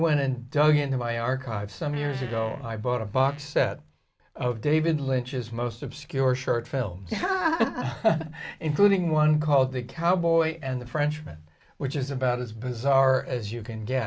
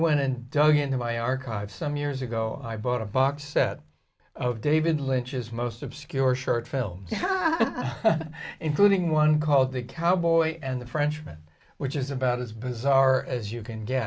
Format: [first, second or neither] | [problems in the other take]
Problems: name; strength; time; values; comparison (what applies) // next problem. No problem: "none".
second | background sound (Fart); 20 dB below the speech